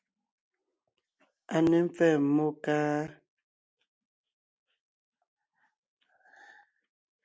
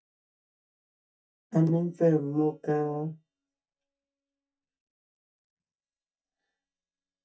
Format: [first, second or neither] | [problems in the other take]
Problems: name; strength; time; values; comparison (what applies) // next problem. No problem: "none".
first | noise reduction (neural mask model DeepFilterNet 3)